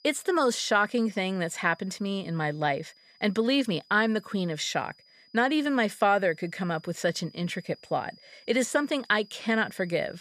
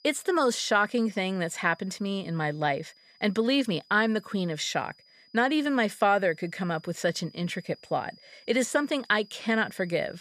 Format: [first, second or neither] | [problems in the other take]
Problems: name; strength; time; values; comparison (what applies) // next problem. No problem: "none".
neither | high-pitched whine; faint; throughout; 5 kHz, 30 dB below the speech; the same in both